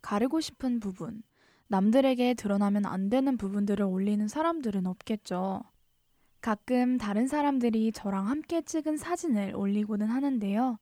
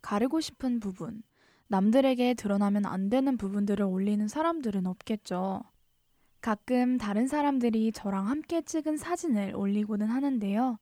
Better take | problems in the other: neither | none

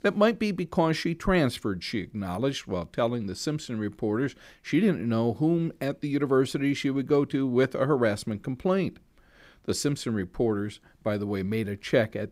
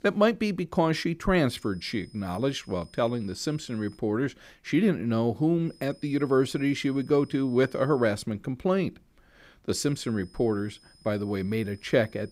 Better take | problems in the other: first | high-pitched whine; faint; from 1.5 to 4 s, from 5.5 to 8 s and from 9.5 s on; 5 kHz, 30 dB below the speech

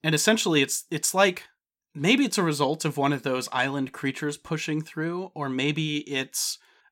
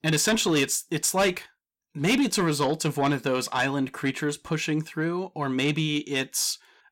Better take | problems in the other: first | distortion; slight; 10 dB below the speech

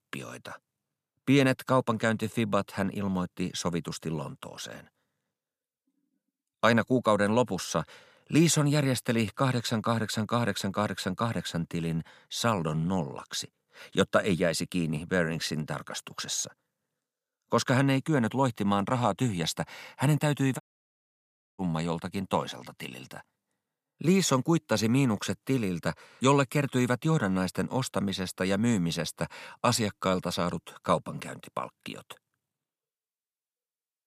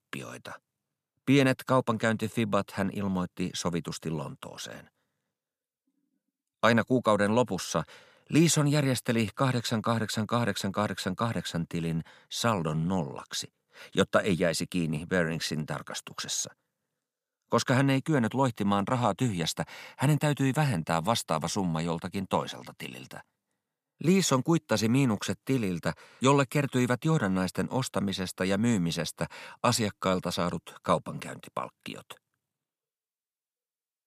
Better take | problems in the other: second | audio cutting out; at 21 s for 1 s

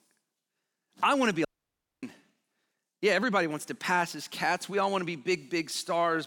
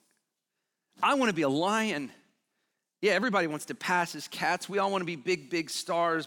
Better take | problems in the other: second | audio cutting out; at 1.5 s for 0.5 s

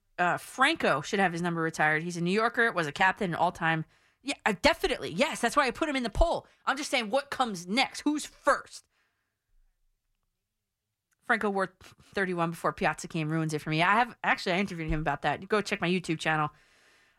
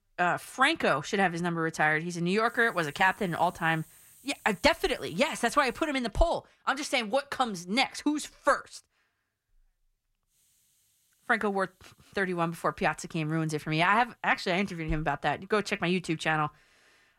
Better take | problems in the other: first | hiss; faint; from 2.5 to 6 s and from 10 s on; 30 dB below the speech

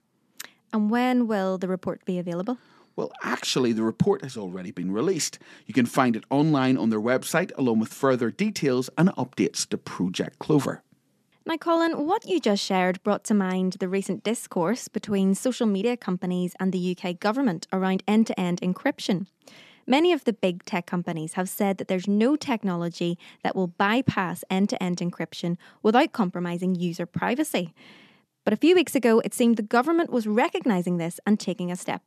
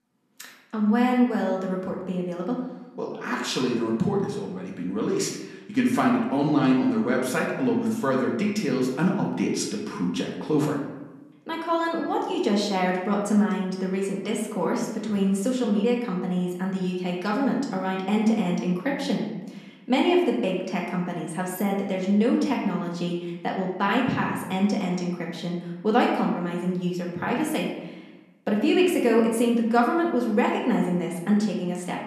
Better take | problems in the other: first | room echo; noticeable; dies away in 0.9 s // off-mic speech; somewhat distant

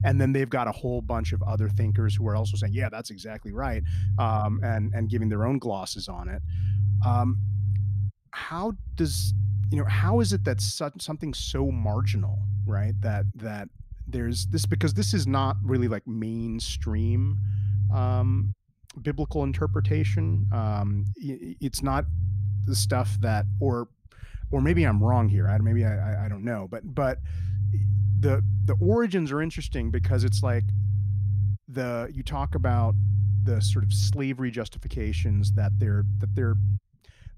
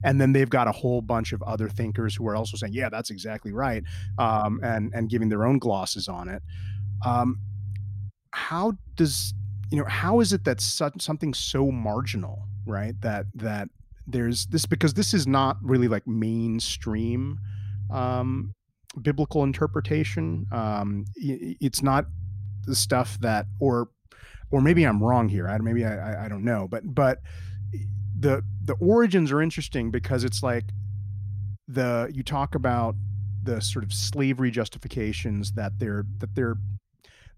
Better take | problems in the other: second | low rumble; loud; throughout; 9 dB below the speech; faint in the second

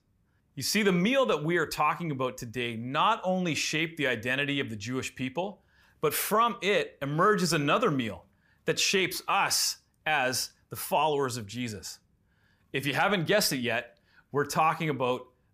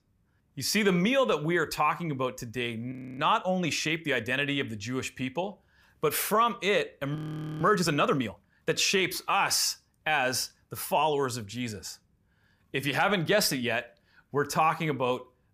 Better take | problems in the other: first | audio freezing; at 3 s and at 7 s

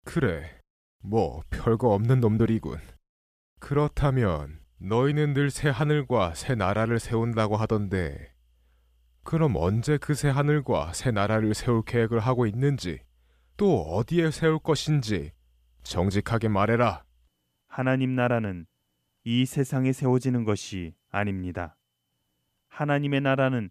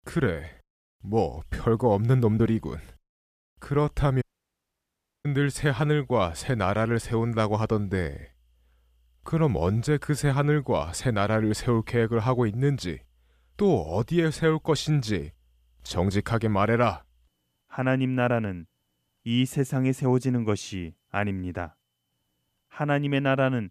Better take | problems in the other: first | audio cutting out; at 4 s for 1 s

